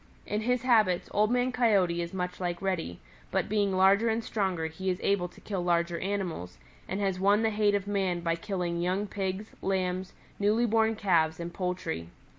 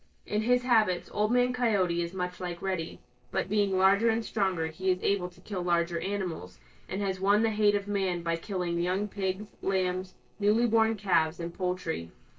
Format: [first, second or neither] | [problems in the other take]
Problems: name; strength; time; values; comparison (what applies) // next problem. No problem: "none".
first | noise reduction (neural separator model SepFormer DNS4)